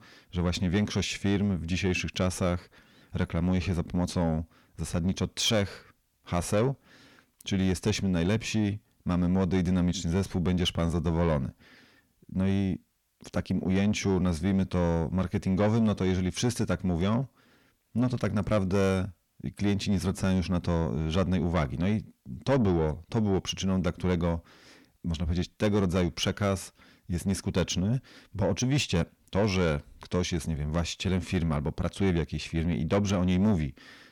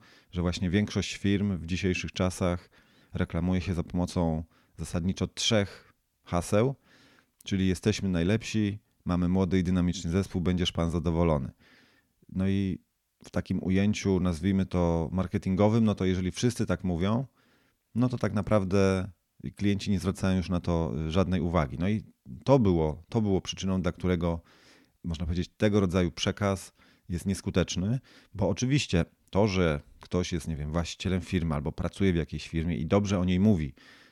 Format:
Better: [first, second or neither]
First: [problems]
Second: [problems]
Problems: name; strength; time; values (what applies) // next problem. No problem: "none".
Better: second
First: distortion; slight; 10 dB below the speech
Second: none